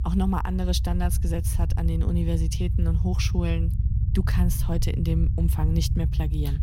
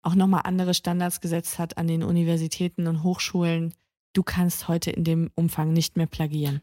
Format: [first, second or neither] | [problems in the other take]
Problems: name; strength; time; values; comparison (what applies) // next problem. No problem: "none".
second | low rumble; loud; throughout; 8 dB below the speech